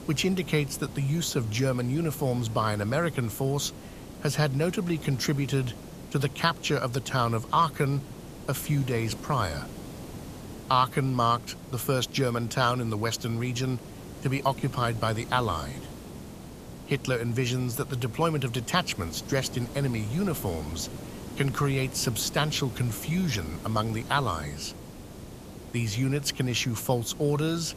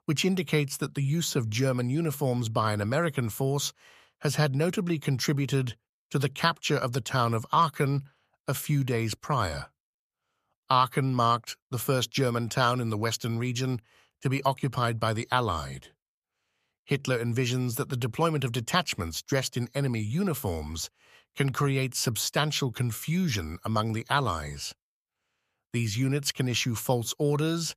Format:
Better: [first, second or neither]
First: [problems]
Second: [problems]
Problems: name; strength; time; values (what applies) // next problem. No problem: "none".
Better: second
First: hiss; noticeable; throughout; 15 dB below the speech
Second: none